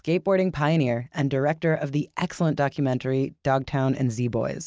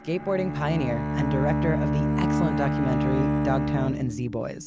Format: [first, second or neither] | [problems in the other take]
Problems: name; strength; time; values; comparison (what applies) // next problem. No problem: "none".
first | background sound (Bowed string instrument); 3 dB above the speech